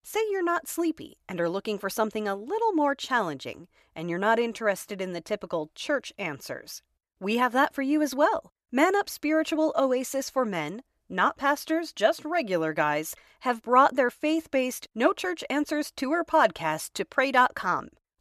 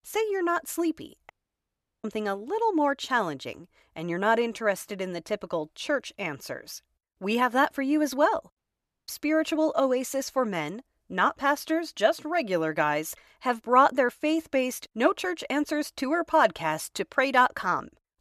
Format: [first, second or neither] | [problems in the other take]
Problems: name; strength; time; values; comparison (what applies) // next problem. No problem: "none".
first | audio cutting out; at 1.5 s for 0.5 s and at 8.5 s for 0.5 s